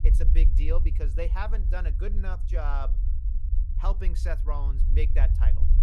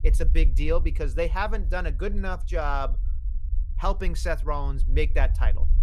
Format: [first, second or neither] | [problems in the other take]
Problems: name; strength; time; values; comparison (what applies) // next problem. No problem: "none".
second | low rumble; loud; throughout; 10 dB below the speech; faint in the second